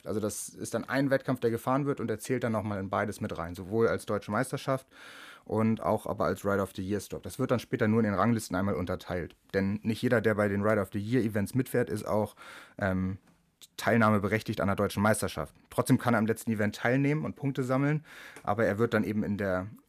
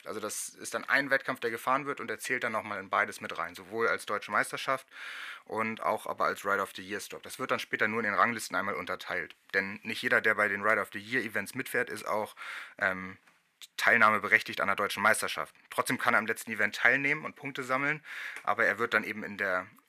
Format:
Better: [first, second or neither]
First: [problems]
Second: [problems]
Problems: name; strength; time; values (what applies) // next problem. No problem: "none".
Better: first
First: none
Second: thin; somewhat; fading below 800 Hz